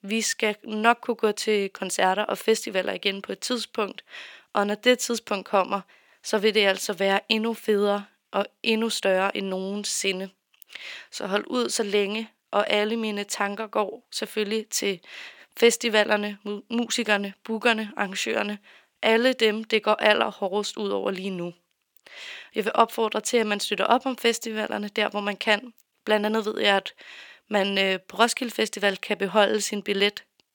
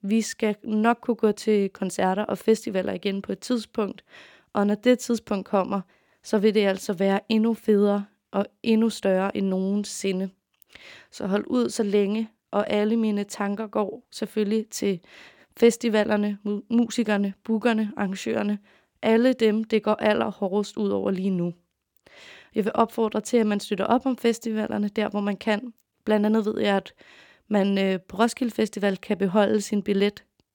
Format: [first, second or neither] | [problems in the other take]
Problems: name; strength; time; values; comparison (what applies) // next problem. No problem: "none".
second | thin; somewhat; fading below 900 Hz